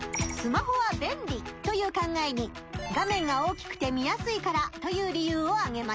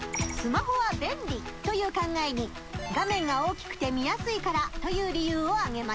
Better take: first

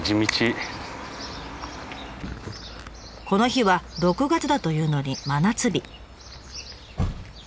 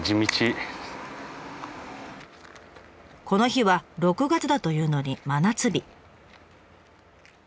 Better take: second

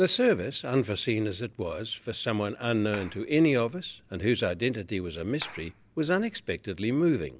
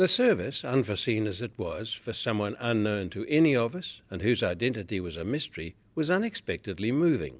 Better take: second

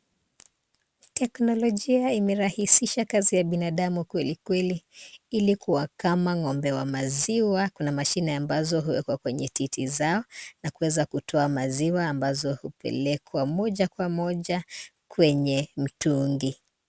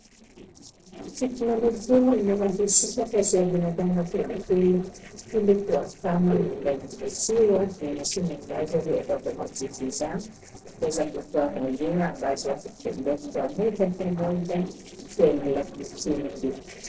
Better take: first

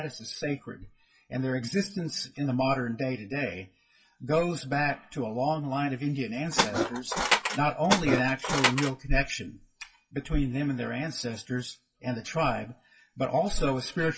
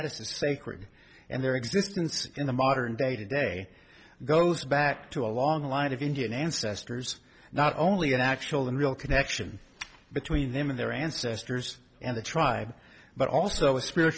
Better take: second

